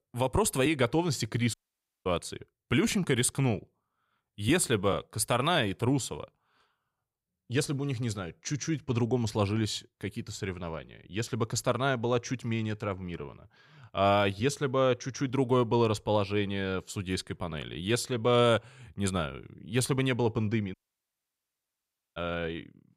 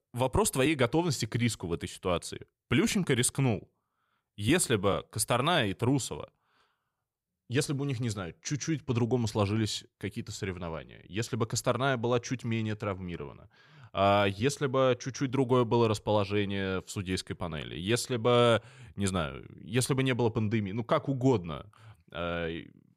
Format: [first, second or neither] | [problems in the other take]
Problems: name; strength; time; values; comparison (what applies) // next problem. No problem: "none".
second | audio cutting out; at 1.5 s for 0.5 s and at 21 s for 1.5 s